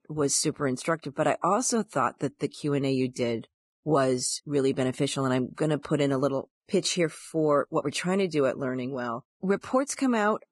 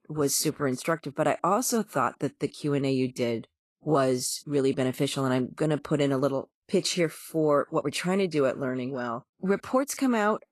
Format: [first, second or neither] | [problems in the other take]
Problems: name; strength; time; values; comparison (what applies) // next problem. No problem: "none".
second | garbled, watery; badly; nothing above 10.5 kHz; slightly in the second